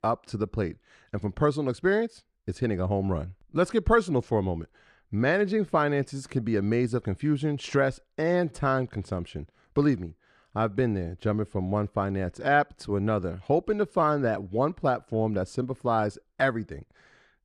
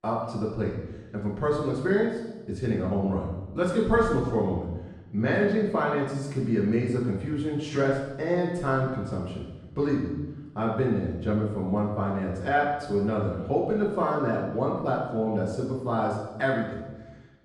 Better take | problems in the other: first | off-mic speech; far // room echo; noticeable; dies away in 0.9 s

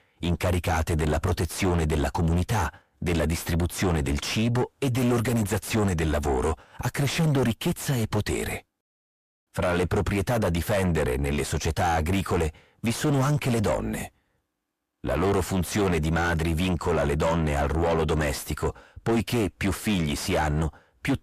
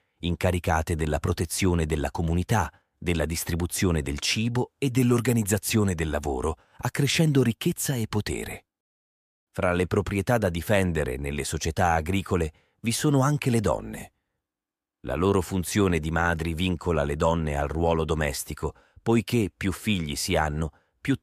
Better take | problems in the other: second | distortion; heavy; 5 dB below the speech

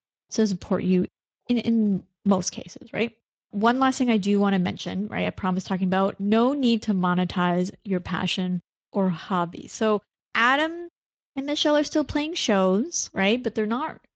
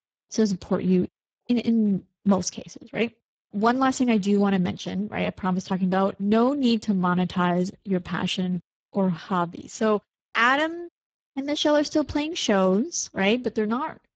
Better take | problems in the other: first | garbled, watery; badly; slightly in the first

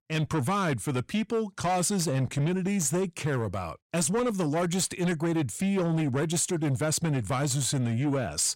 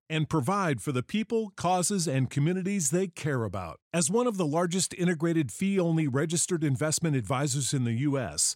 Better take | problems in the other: second | distortion; slight; 10 dB below the speech

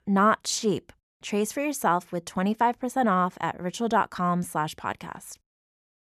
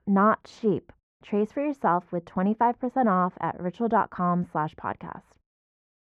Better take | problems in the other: first | muffled; very; fading above 4 kHz

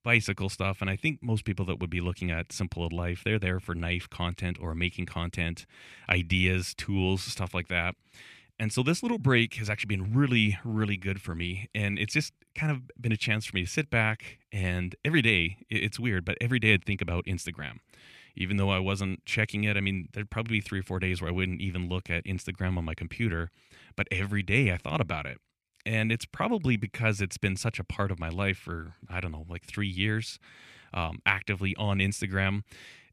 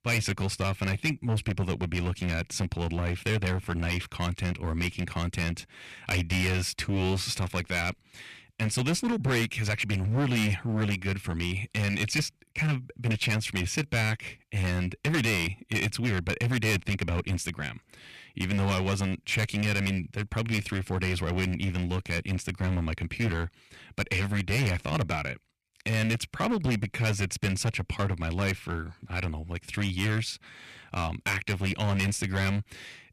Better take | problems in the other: first | distortion; heavy; 12% of the sound clipped

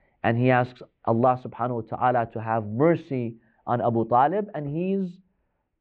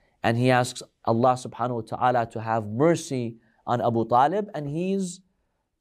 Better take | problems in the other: second | muffled; very; fading above 2.5 kHz

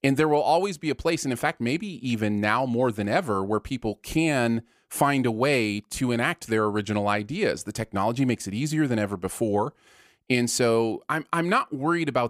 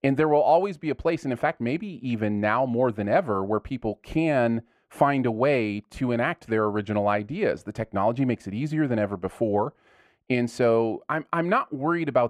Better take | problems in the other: first | muffled; very; fading above 3.5 kHz

